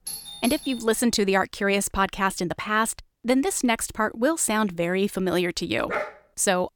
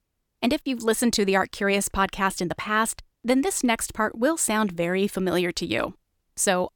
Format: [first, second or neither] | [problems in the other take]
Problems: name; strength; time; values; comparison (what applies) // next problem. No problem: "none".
second | doorbell; noticeable; until 1 s; peak 9 dB below the speech // dog barking; noticeable; at 6 s; peak 6 dB below the speech